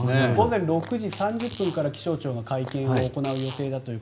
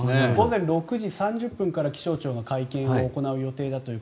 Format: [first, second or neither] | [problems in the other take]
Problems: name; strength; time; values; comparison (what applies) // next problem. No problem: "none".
second | background sound (Fart + Bass guitar); 17 dB below the speech